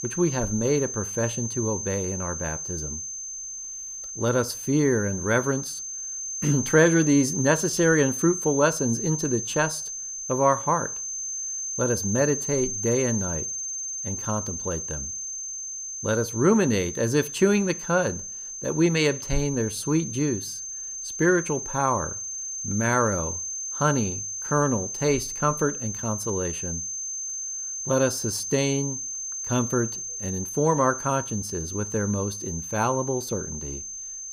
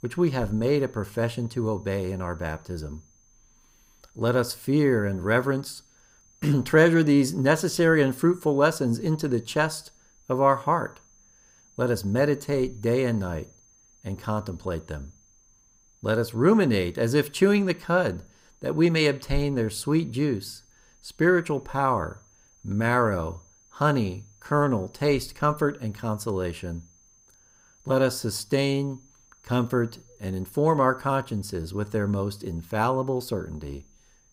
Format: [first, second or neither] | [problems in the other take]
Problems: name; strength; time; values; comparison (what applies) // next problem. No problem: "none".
second | high-pitched whine; loud; throughout; 6.5 kHz, 5 dB below the speech; faint in the second